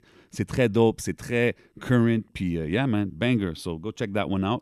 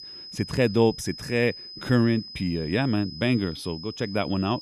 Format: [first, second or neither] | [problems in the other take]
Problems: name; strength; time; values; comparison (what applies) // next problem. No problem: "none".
first | high-pitched whine; noticeable; throughout; 5 kHz, 15 dB below the speech